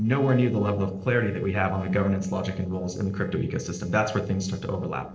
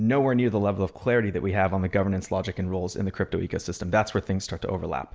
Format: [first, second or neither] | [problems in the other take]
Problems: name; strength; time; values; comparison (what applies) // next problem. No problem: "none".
second | noise reduction (neural separator model SepFormer DNS4)